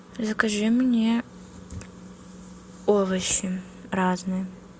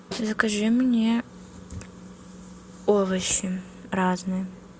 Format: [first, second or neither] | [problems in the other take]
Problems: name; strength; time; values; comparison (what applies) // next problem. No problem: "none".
first | background sound (Snare drum); 18 dB below the speech